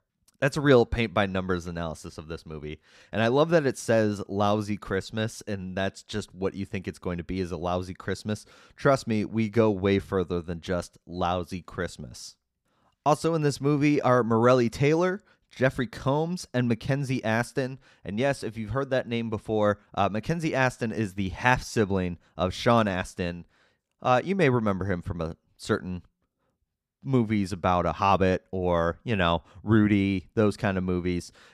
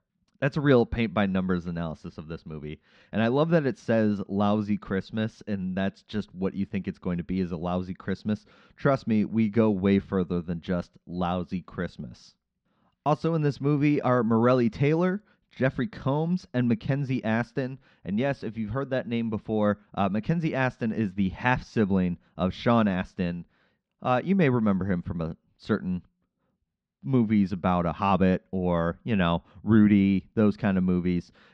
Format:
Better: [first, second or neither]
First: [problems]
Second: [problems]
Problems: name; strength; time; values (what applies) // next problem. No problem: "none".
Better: first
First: none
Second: muffled; very slightly; fading above 4 kHz